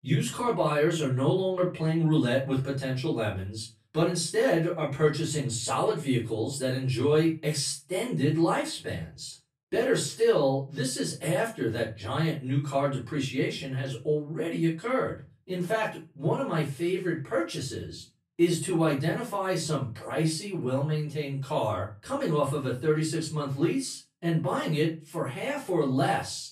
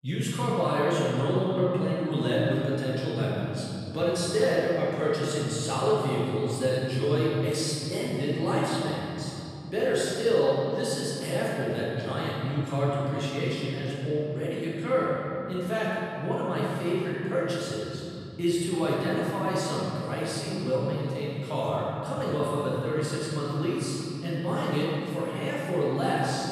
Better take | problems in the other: first | room echo; strong; dies away in 3 s; slight in the first // off-mic speech; far; far in the first

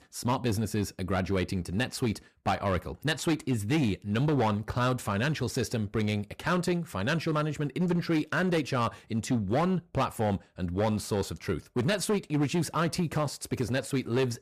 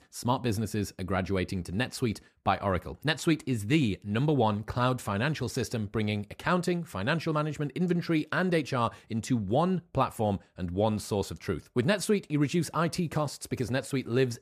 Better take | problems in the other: second | distortion; slight; 8% of the sound clipped

